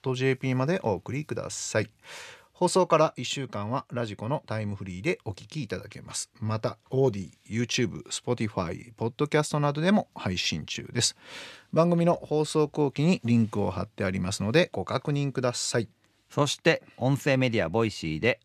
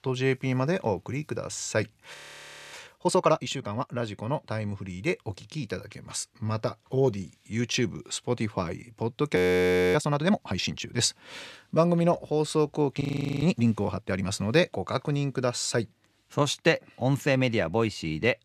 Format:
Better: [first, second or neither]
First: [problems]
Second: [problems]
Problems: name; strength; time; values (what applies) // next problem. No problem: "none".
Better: first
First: none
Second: audio freezing; at 2 s for 0.5 s, at 9.5 s for 0.5 s and at 13 s